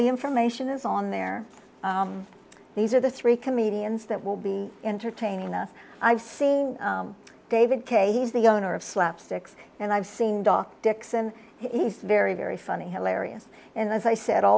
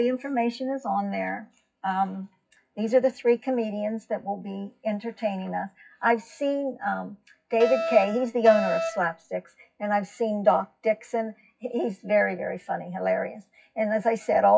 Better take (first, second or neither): first